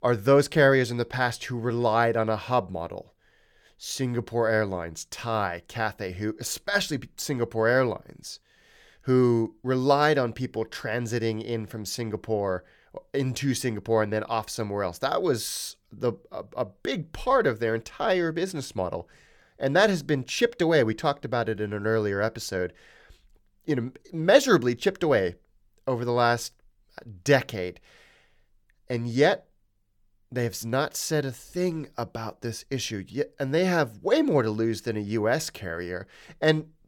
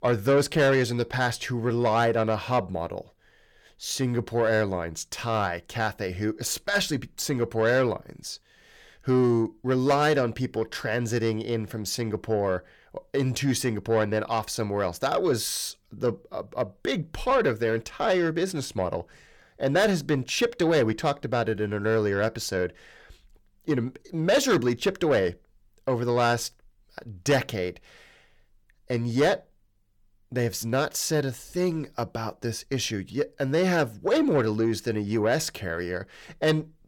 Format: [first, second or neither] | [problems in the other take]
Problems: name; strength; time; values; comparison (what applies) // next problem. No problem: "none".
first | distortion; slight; 10 dB below the speech